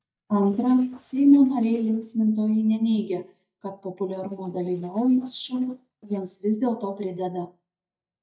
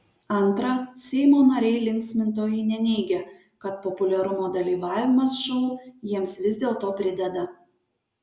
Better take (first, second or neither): second